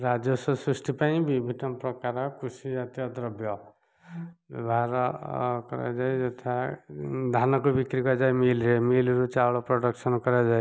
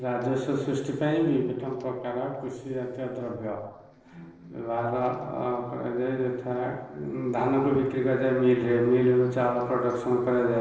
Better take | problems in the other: first | noise reduction (neural separator model SepFormer DNS4)

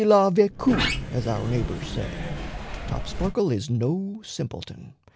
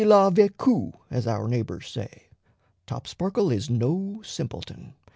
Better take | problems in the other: second | background sound (Sliding door); 5 dB below the speech

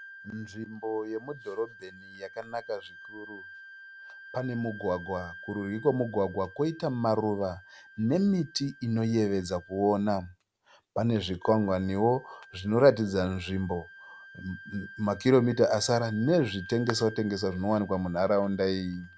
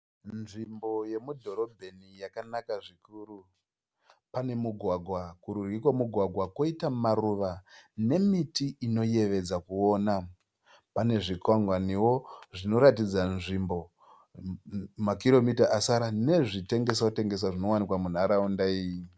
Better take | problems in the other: second | background sound (Wind instrument, woodwind instrument); 19 dB below the speech

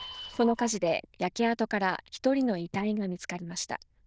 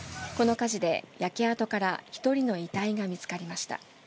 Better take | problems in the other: second | noise reduction (neural diffusion model UNIVERSE++)

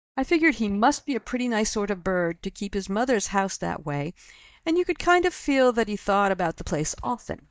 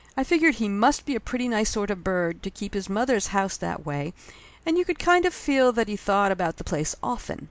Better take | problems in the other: second | noise reduction (neural mask model DeepFilterNet 3)

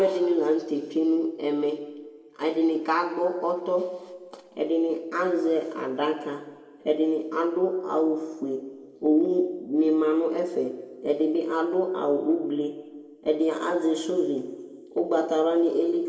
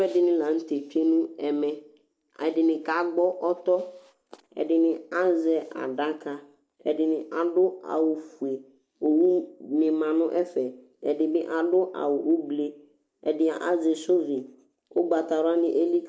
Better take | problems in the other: second | room echo; dies away in 1.2 s

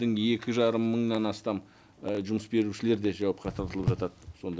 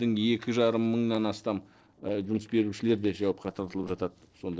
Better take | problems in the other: first | noise reduction (neural separator model SepFormer DNS4)

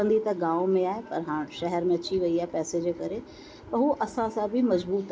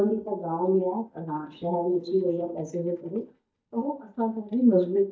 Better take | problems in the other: first | noise reduction (neural mask model DeepFilterNet 3)

